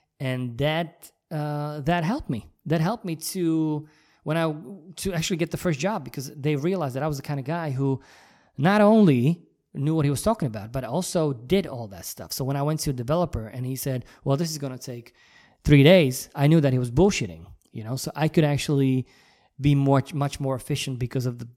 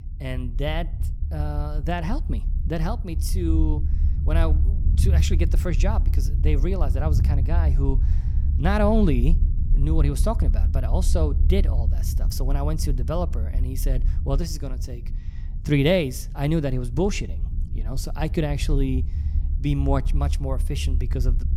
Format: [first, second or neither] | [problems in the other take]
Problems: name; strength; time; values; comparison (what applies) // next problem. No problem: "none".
first | low rumble; noticeable; throughout; 15 dB below the speech